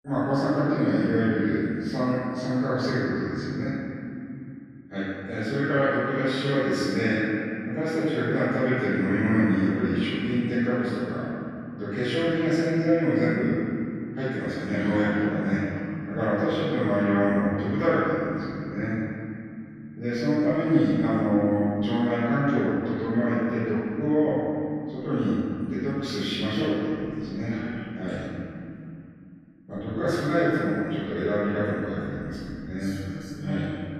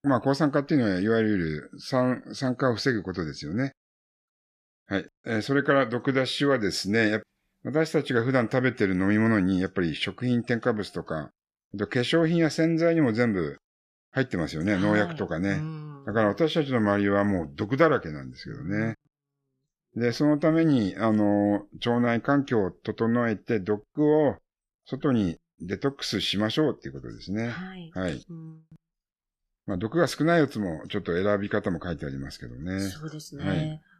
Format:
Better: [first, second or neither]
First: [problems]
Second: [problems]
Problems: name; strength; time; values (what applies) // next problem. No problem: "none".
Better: second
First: off-mic speech; far // room echo; strong; dies away in 2.7 s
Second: none